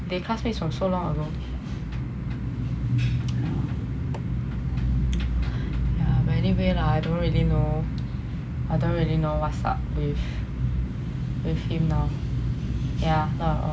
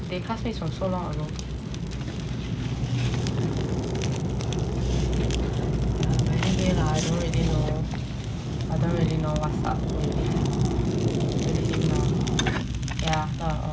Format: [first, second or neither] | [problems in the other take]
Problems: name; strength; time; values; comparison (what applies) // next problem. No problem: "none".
first | background sound (Fire); 1 dB below the speech